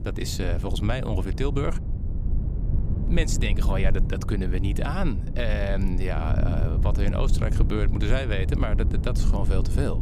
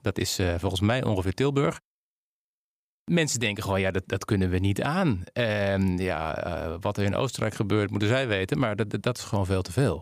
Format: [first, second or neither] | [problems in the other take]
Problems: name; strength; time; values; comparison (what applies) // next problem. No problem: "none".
second | wind noise on the microphone; heavy; 9 dB below the speech